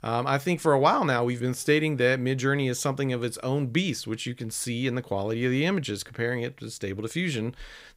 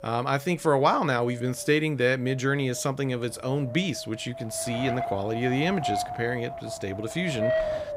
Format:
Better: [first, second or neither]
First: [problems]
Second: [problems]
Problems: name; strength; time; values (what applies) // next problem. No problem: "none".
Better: first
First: none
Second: wind noise on the microphone; heavy; 4 dB below the speech